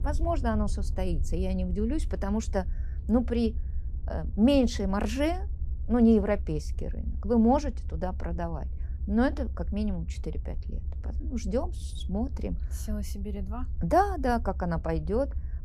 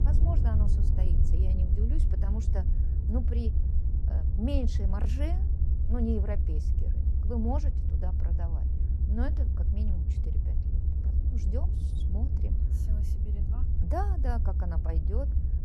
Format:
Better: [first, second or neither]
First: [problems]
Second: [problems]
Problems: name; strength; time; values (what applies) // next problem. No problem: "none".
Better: first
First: low rumble; faint; throughout; 25 dB below the speech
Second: low rumble; loud; throughout; 5 dB below the speech